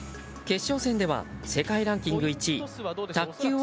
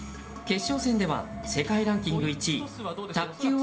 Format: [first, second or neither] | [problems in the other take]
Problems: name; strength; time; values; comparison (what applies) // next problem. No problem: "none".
first | background sound (Dog); 18 dB below the speech // room echo; dies away in 1.3 s